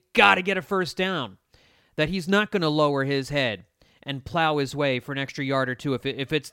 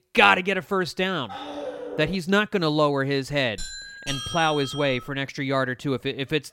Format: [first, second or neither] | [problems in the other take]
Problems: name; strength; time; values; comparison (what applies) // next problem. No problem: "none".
first | dog barking; noticeable; at 1.5 s; peak 10 dB below the speech // doorbell; noticeable; from 3.5 to 5 s; peak 7 dB below the speech